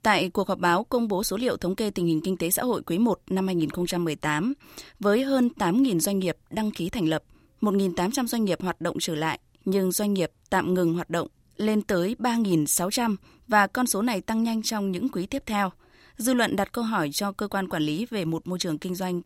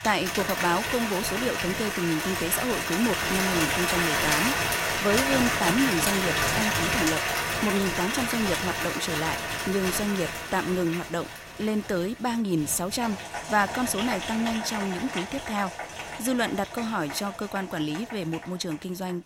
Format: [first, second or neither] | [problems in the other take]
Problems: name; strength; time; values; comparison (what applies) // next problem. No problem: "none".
first | crowd noise; very loud; throughout; 1 dB above the speech